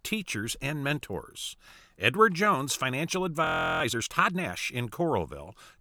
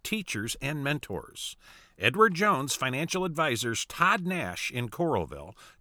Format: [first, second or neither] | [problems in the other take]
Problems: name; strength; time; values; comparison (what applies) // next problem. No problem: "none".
second | audio freezing; at 3.5 s